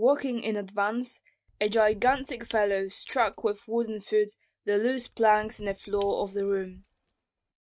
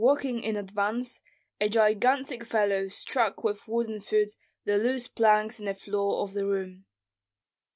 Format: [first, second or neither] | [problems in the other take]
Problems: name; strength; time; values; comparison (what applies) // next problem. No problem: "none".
second | noise reduction (neural mask model RNNoise)